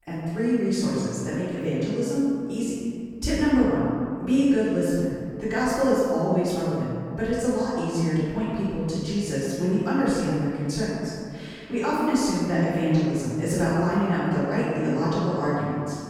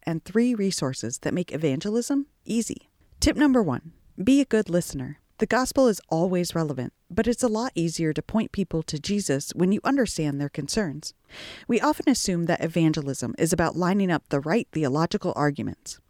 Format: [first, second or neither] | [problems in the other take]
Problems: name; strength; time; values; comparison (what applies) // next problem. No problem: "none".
second | room echo; strong; dies away in 1.9 s // off-mic speech; far